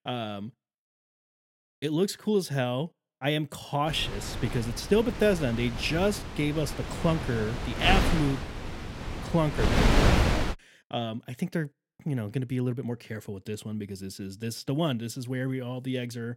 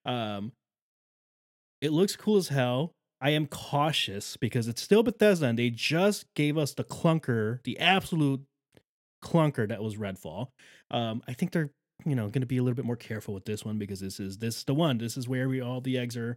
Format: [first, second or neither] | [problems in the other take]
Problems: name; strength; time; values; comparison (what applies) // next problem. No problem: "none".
second | wind noise on the microphone; heavy; from 4 to 11 s; 1 dB below the speech